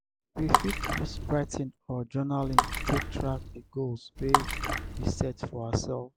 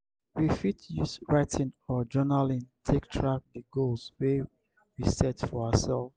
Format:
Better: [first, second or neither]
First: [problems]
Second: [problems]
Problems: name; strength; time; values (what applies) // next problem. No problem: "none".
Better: second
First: background sound (Water / Splash, splatter); 2 dB above the speech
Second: none